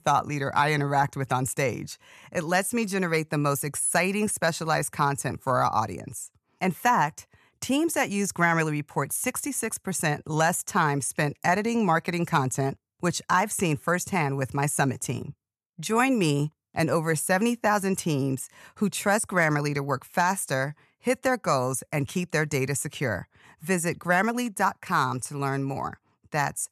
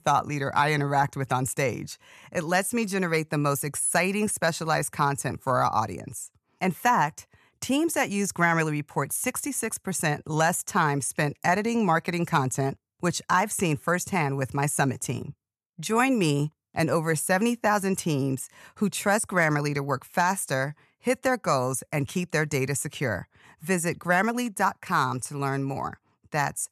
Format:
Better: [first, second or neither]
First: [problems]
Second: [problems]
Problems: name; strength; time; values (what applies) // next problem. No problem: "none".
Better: neither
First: none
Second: none